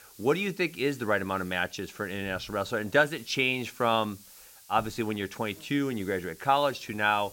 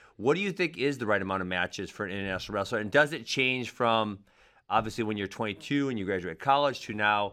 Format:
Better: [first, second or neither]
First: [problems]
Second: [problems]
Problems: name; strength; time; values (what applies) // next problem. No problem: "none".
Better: second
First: hiss; faint; throughout; 20 dB below the speech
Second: none